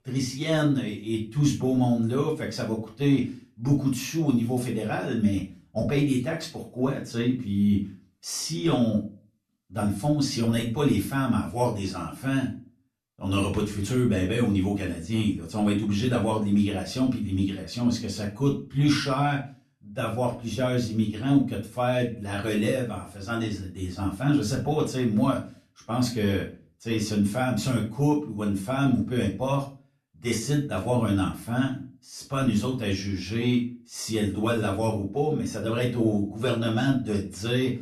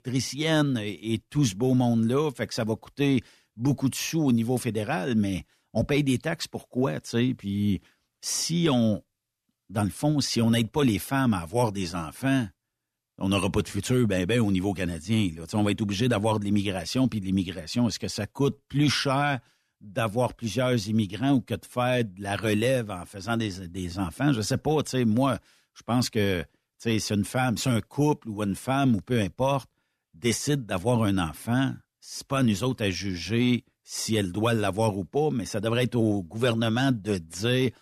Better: second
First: off-mic speech; far // room echo; slight; dies away in 0.3 s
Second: none

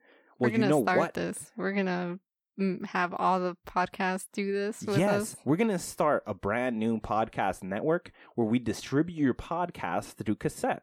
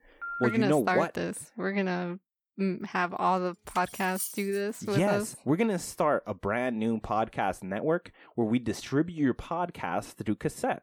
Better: first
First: none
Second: phone ringing; noticeable; at the start; peak 6 dB below the speech // clattering dishes; noticeable; from 3.5 to 5 s; peak 5 dB below the speech

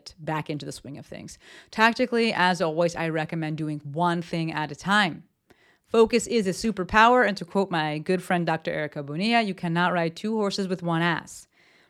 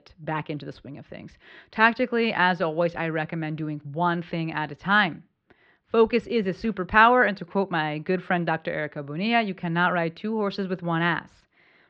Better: first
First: none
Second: muffled; slightly; fading above 3.5 kHz

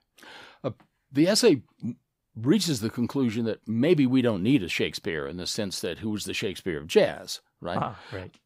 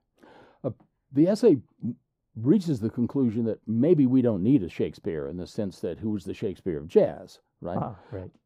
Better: first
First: none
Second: muffled; very; fading above 1 kHz

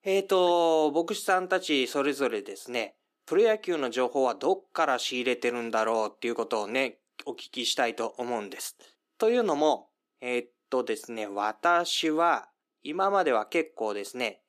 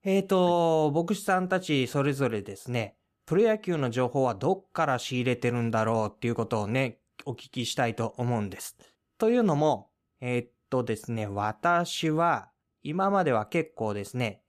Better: second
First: thin; somewhat; fading below 300 Hz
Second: none

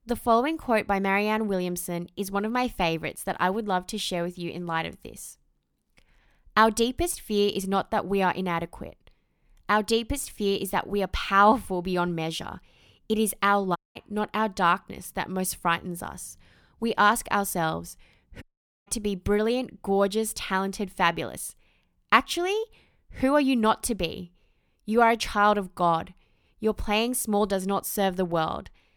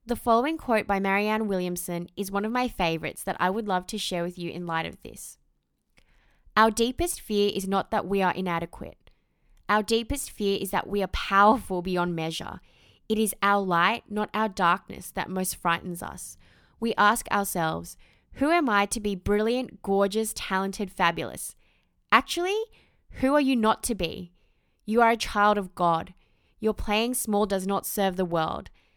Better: second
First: audio cutting out; at 14 s and at 18 s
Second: none

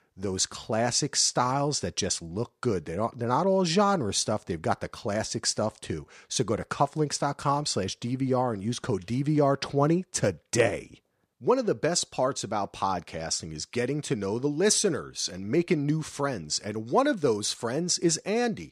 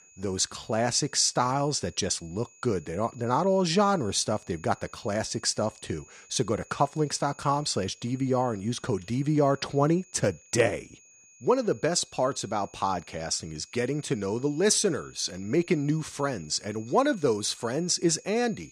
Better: first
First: none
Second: high-pitched whine; faint; throughout; 6.5 kHz, 25 dB below the speech

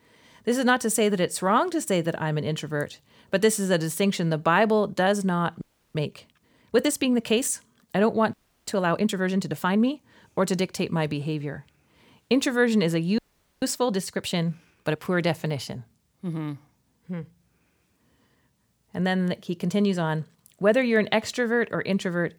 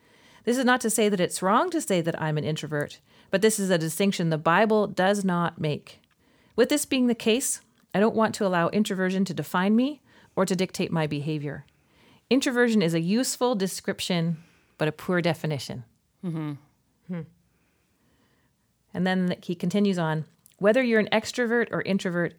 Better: second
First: audio freezing; at 5.5 s, at 8.5 s and at 13 s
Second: none

